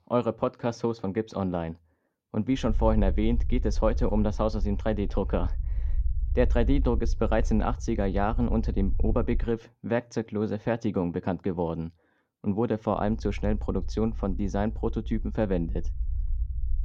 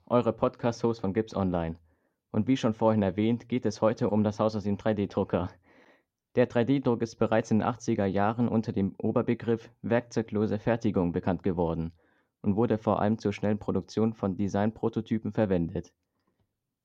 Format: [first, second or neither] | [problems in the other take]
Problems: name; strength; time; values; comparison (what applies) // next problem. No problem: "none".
second | low rumble; faint; from 2.5 to 9.5 s and from 13 s on; 25 dB below the speech